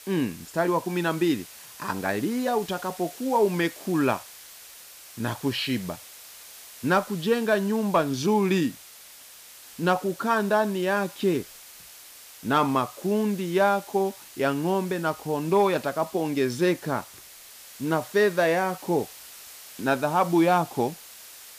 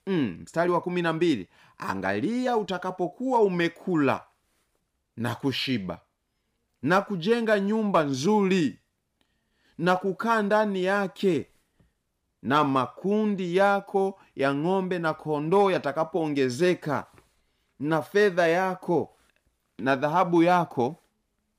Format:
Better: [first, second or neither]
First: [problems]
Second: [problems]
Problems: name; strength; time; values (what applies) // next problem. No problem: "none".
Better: second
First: hiss; noticeable; throughout; 15 dB below the speech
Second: none